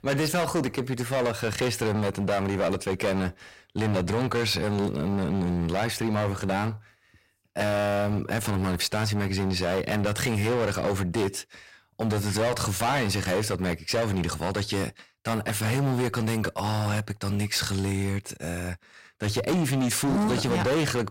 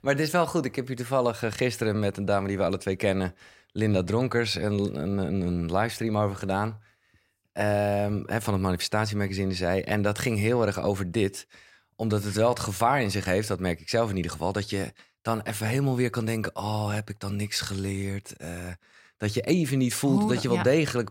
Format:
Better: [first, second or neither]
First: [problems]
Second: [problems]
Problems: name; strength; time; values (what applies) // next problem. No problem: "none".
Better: second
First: distortion; heavy; 19% of the sound clipped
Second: none